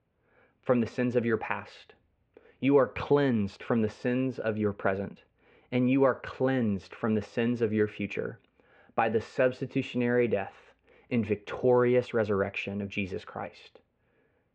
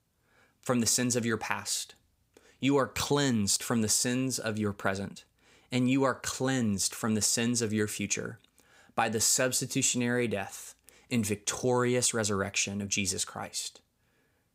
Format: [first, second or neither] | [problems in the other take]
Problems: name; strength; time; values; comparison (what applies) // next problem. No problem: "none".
second | muffled; very; fading above 2.5 kHz